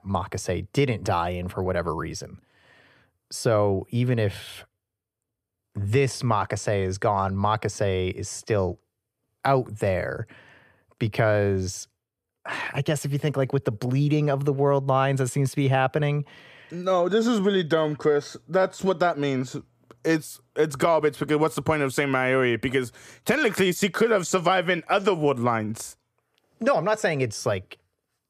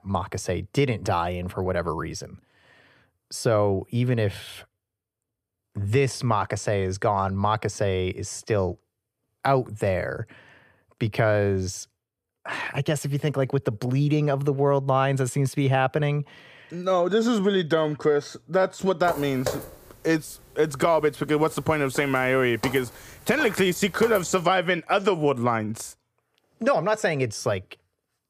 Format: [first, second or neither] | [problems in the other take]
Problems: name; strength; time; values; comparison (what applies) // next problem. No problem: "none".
first | footsteps; noticeable; from 19 to 24 s; peak 7 dB below the speech